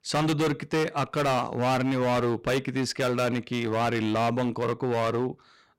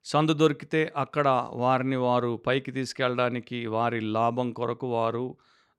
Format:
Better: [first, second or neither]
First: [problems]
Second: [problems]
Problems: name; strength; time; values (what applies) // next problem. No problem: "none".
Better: second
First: distortion; heavy; 20% of the sound clipped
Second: none